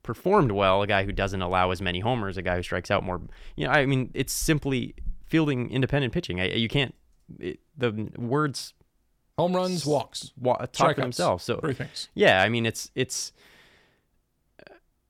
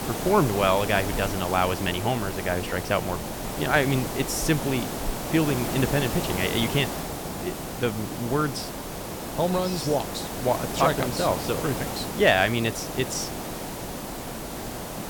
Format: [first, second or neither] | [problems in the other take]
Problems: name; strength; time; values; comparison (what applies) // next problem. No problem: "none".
first | hiss; loud; throughout; 6 dB below the speech